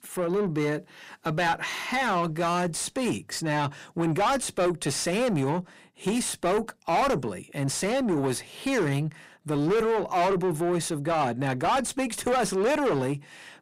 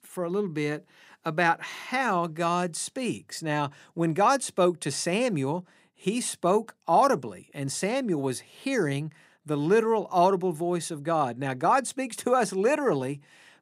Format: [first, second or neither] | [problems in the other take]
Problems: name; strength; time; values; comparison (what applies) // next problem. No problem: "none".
second | distortion; heavy; 6 dB below the speech